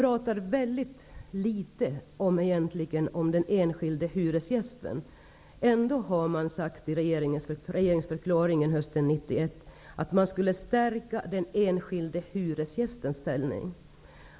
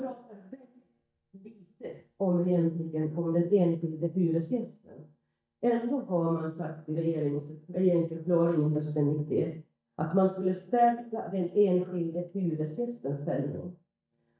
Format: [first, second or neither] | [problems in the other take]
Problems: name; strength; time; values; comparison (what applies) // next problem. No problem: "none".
first | noise reduction (neural mask model DeepFilterNet 3)